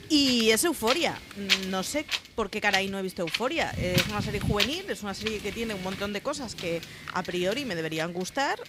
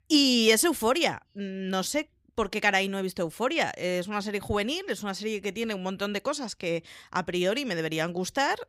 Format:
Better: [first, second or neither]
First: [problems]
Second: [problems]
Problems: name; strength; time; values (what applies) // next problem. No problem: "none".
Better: second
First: wind noise on the microphone; heavy; 3 dB below the speech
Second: none